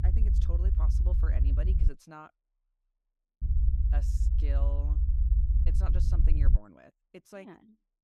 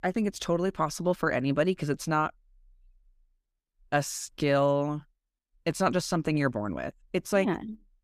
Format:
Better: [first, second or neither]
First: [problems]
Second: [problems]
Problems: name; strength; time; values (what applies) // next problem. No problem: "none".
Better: second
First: low rumble; loud; until 2 s and from 3.5 to 6.5 s; as loud as the speech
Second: none